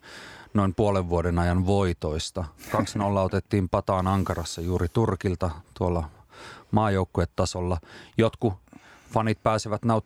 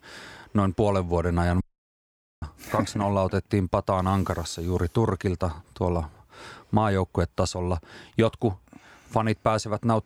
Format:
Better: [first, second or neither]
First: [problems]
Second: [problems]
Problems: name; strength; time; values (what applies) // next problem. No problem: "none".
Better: first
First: none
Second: audio cutting out; at 1.5 s for 1 s